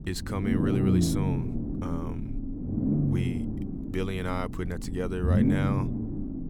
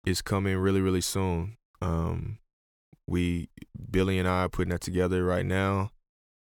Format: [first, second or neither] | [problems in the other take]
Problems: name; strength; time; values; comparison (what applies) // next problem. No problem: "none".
second | low rumble; loud; throughout; as loud as the speech